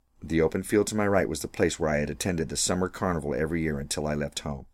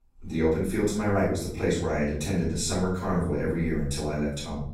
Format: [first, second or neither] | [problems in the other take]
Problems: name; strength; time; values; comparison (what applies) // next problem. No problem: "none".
first | off-mic speech; far // room echo; noticeable; dies away in 0.7 s